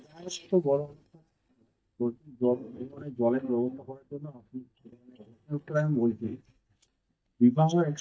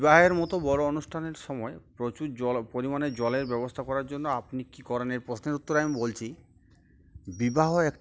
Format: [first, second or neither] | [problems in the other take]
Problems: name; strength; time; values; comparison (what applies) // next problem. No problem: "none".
second | noise reduction (neural mask model DeepFilterNet 3)